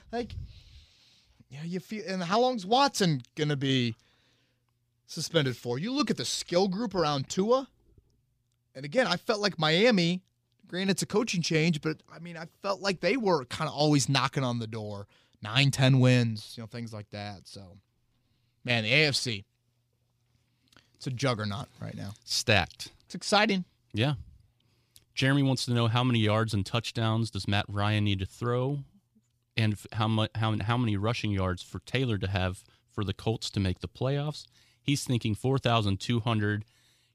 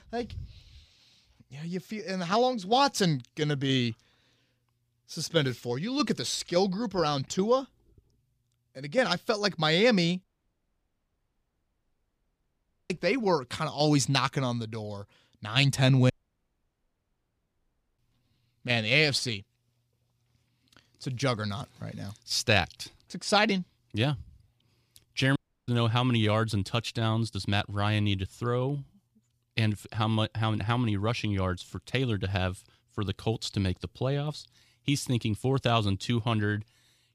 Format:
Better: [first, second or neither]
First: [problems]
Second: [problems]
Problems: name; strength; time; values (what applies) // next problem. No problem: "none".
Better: first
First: none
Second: audio cutting out; at 10 s for 2.5 s, at 16 s for 2 s and at 25 s